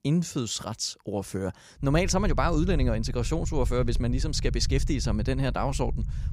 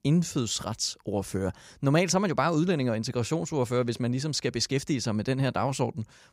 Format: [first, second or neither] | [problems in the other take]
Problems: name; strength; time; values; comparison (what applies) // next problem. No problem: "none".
second | low rumble; noticeable; from 2 s on; 20 dB below the speech